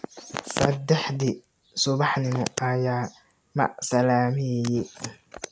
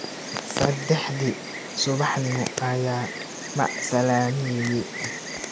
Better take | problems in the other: first | background sound (Insect); 8 dB below the speech

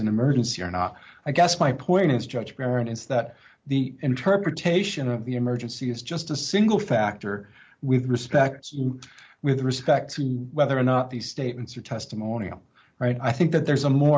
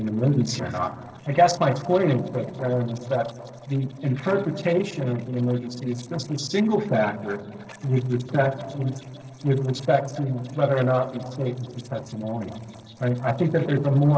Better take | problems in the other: first | noise reduction (neural separator model SepFormer DNS4)

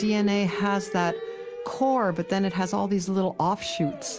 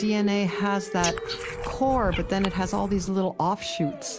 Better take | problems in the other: first | background sound (Frog); 8 dB below the speech

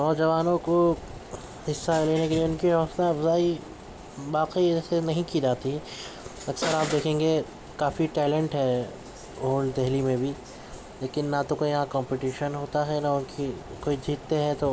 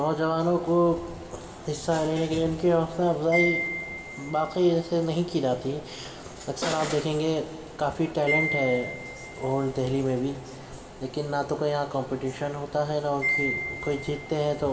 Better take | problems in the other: first | background sound (Wind chime); 10 dB below the speech // room echo; dies away in 2.1 s

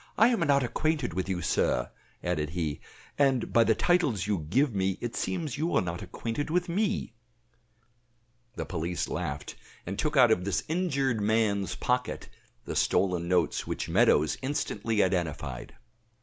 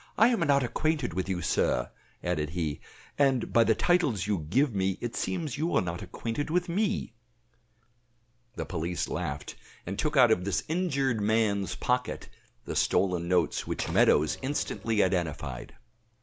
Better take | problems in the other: first | background sound (Typewriter); 17 dB below the speech

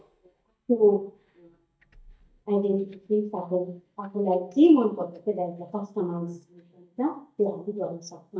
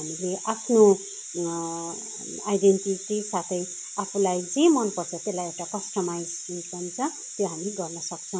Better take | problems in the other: second | noise reduction (neural mask model DeepFilterNet 3)

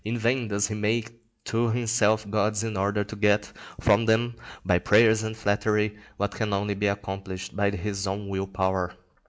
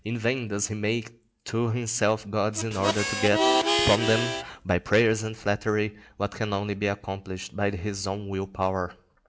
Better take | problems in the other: first | background sound (Harmonica); 1 dB above the speech

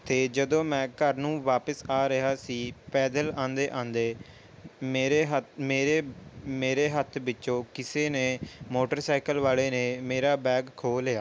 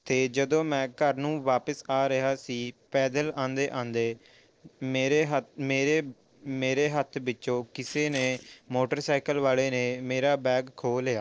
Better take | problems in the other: first | noise reduction (neural separator model SepFormer DNS4)

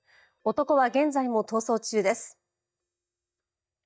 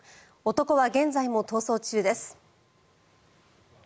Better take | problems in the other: second | noise reduction (neural mask model DeepFilterNet 3)

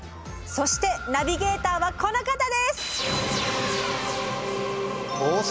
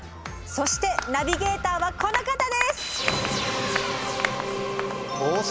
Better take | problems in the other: first | background sound (Applause); 8 dB below the speech

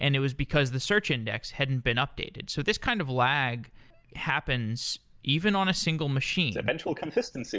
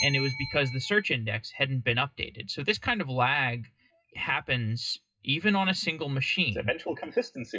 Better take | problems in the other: first | noise reduction (classical method WPE with log-MMSE)

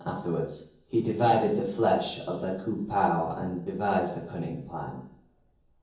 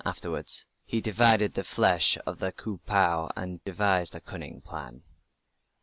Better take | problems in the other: second | room echo; dies away in 0.7 s

